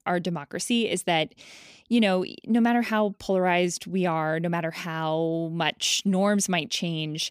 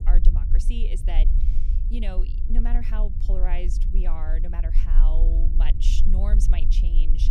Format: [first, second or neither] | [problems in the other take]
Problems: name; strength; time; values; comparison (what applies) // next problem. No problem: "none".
first | low rumble; loud; throughout; 7 dB below the speech